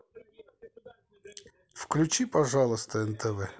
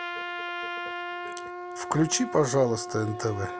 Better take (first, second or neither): first